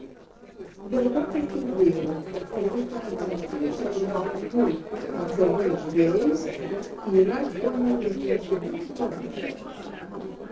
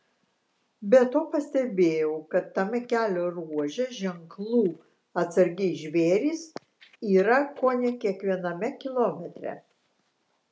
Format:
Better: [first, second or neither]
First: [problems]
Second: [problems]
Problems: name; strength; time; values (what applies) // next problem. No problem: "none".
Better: second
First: noise reduction (neural separator model SepFormer DNS4)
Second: none